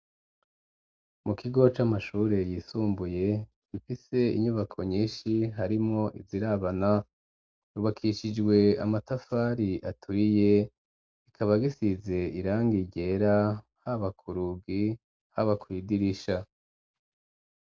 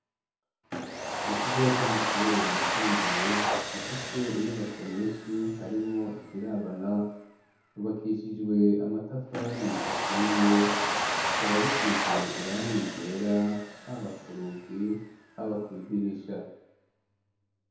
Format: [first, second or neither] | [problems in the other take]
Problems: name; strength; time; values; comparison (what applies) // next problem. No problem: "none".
first | background sound (Domestic sounds, home sounds); 2 dB below the speech // room echo; dies away in 2 s